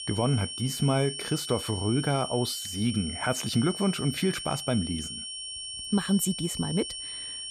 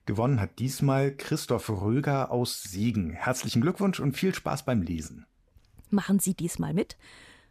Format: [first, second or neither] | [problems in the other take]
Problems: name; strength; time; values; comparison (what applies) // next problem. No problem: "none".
second | high-pitched whine; loud; throughout; 3 kHz, 6 dB below the speech